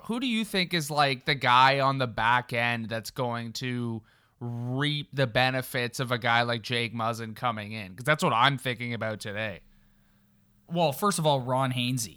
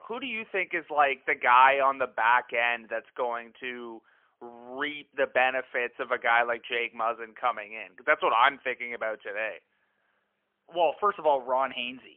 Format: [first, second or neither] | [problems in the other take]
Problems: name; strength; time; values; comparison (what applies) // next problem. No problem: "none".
first | phone-call audio; poor line; nothing above 3.5 kHz